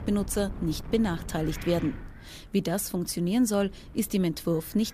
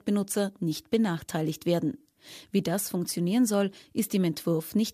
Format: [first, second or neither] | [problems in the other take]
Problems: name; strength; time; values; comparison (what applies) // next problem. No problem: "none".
second | wind noise on the microphone; occasional gusts; 15 dB below the speech